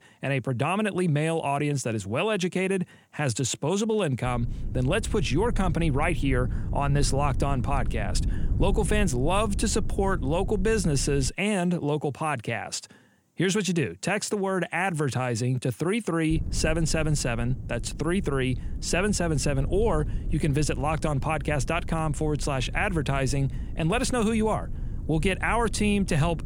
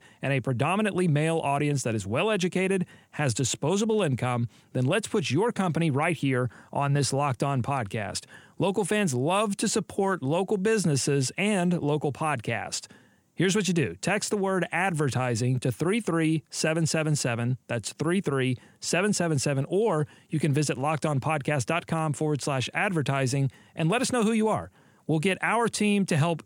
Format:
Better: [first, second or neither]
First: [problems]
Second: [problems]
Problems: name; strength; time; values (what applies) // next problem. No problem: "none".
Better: second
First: low rumble; noticeable; from 4.5 to 11 s and from 16 s on; 20 dB below the speech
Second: none